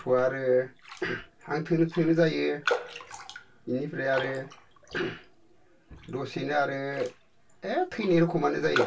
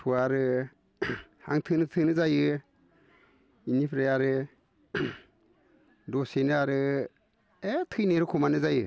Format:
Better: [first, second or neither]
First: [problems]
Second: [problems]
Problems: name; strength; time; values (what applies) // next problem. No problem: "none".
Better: second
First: background sound (Raindrop); 10 dB below the speech // room echo; dies away in 0.2 s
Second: none